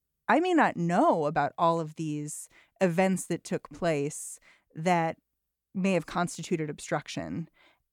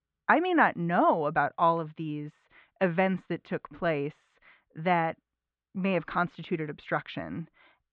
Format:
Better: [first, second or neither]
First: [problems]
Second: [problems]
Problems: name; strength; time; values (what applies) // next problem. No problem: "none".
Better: first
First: none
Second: muffled; very; fading above 3.5 kHz